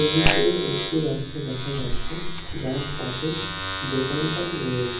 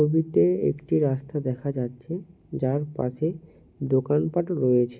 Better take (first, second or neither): second